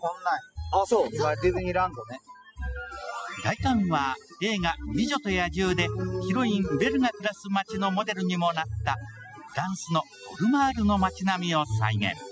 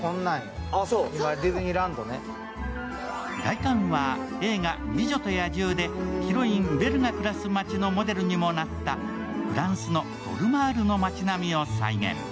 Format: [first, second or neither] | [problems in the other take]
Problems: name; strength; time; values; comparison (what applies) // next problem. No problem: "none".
second | noise reduction (classical method spectral subtraction)